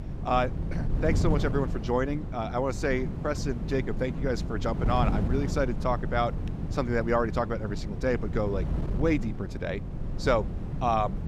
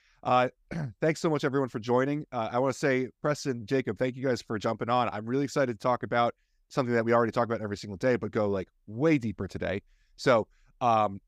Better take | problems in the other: second | wind noise on the microphone; occasional gusts; 10 dB below the speech

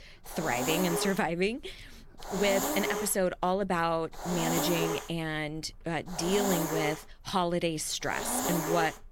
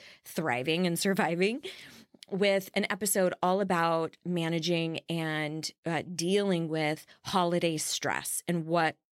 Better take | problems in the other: second | hiss; loud; throughout; 2 dB below the speech

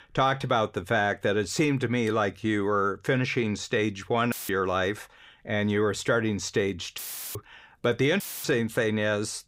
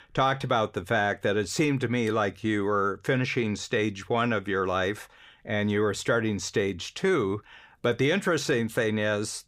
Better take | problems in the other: second | audio cutting out; filled with static; at 4.5 s, at 7 s and at 8 s

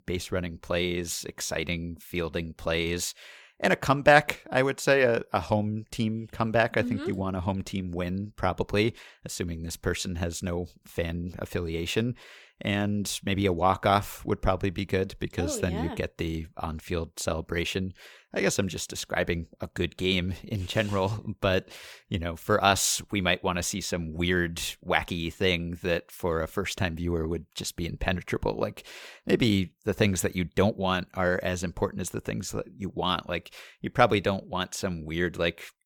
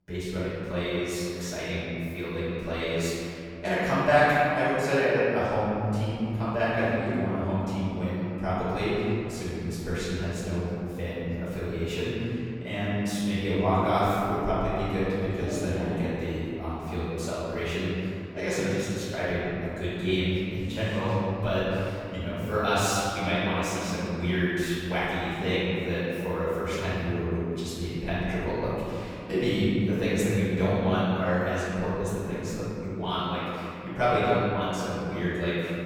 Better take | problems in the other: first | room echo; strong; dies away in 2.7 s // off-mic speech; far

